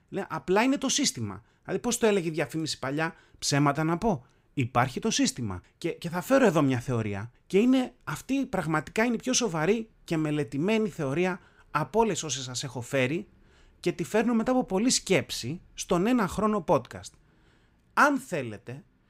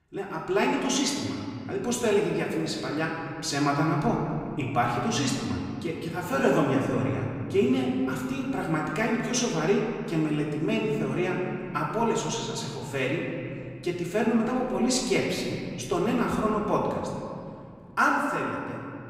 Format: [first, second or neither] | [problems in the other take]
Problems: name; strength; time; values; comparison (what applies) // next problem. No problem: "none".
first | off-mic speech; far // room echo; noticeable; dies away in 2.3 s